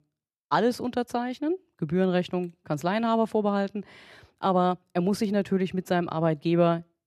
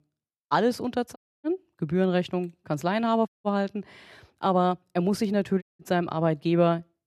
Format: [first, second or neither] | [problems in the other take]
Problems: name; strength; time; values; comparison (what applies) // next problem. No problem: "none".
first | audio cutting out; at 1 s, at 3.5 s and at 5.5 s